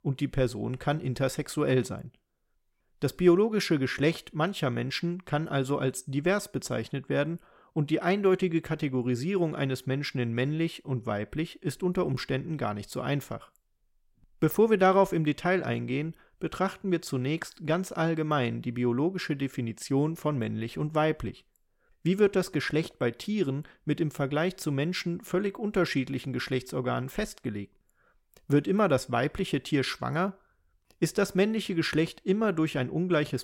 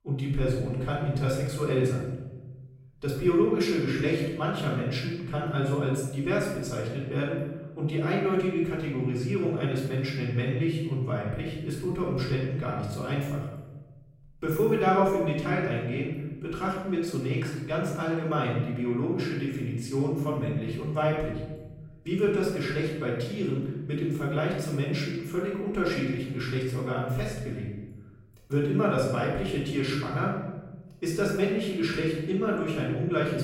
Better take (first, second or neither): first